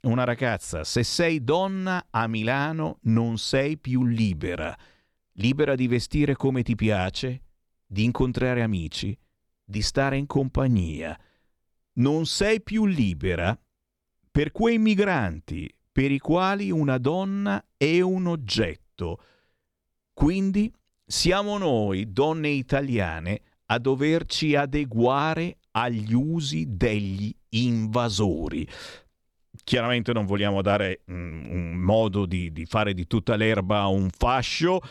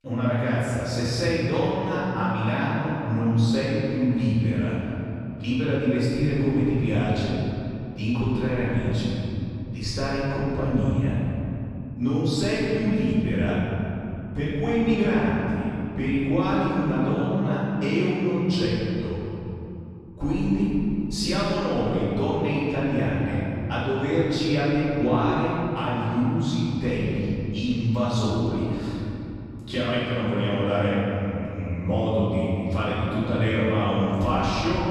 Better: first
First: none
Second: off-mic speech; far // room echo; strong; dies away in 3 s

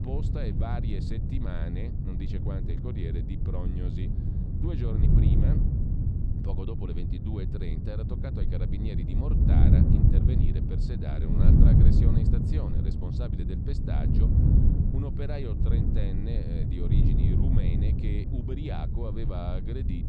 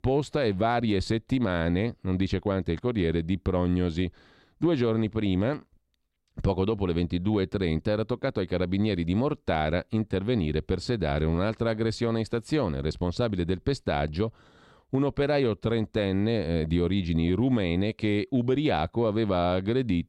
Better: second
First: wind noise on the microphone; heavy; 3 dB above the speech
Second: none

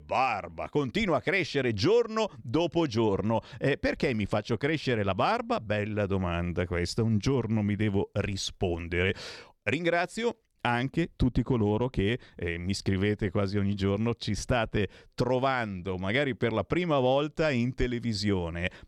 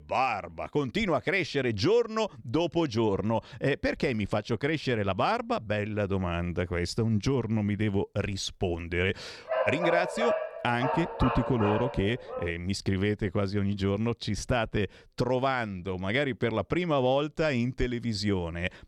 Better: first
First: none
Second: dog barking; loud; from 9.5 to 13 s; peak level with the speech

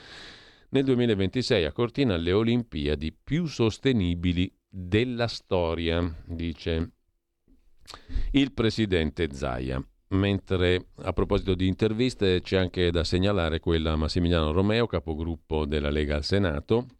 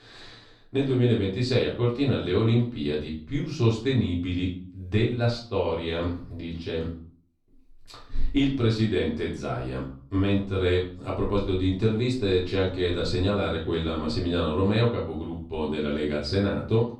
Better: first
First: none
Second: off-mic speech; far // room echo; slight; dies away in 0.4 s

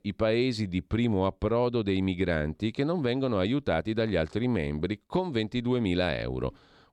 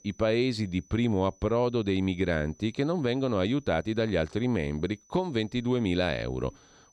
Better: first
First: none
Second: high-pitched whine; faint; throughout; 6 kHz, 30 dB below the speech

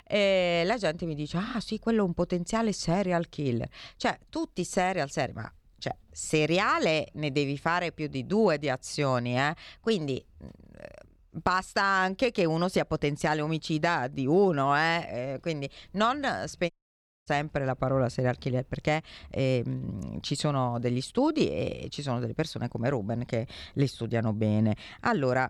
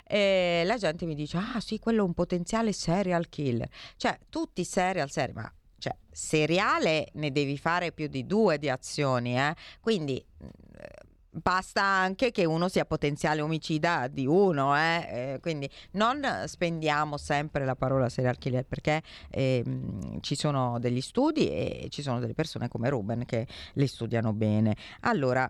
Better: second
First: audio cutting out; at 17 s for 0.5 s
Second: none

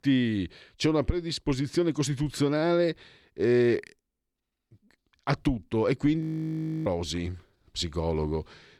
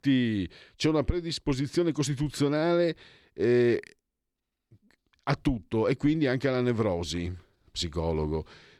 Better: second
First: audio freezing; at 6 s for 0.5 s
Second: none

